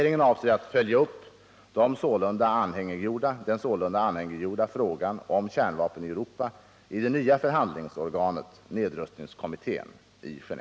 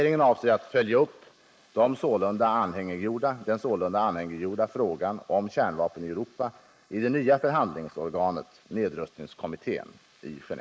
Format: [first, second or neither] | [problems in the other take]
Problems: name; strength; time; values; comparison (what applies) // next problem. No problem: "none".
first | noise reduction (neural mask model Resemble Enhance denoiser)